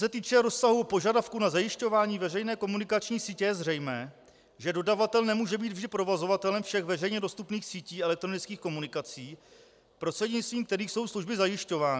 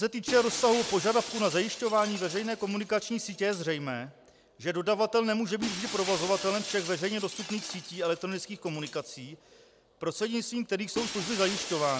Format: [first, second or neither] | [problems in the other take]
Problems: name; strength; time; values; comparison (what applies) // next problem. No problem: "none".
first | background sound (Shatter); 10 dB below the speech